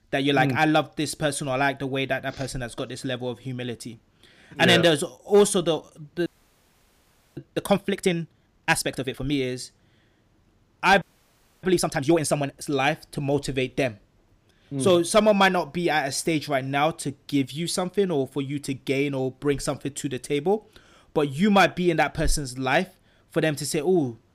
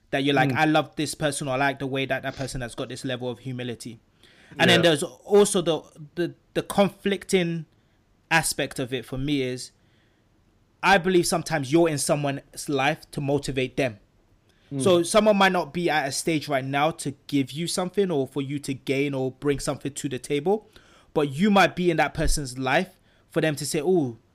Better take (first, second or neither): second